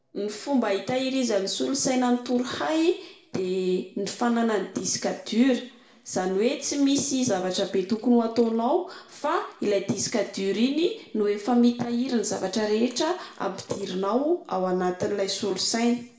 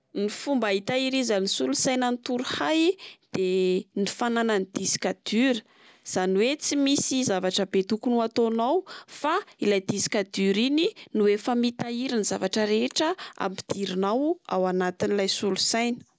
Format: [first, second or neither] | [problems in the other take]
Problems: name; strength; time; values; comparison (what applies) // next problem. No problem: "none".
second | room echo; dies away in 0.5 s